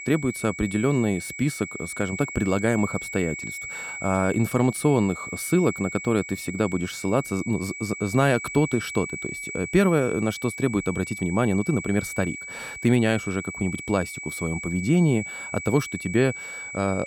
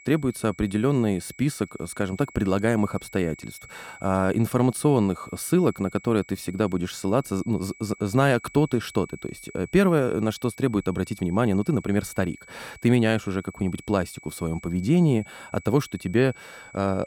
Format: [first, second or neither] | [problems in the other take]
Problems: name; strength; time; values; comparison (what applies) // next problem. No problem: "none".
second | high-pitched whine; loud; throughout; 2.5 kHz, 9 dB below the speech; faint in the second